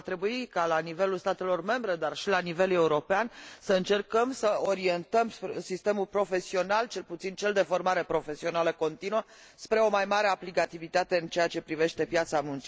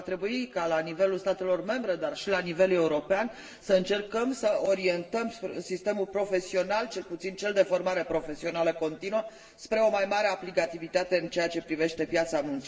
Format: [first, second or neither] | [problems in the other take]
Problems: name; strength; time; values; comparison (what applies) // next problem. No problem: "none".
first | room echo; dies away in 1.7 s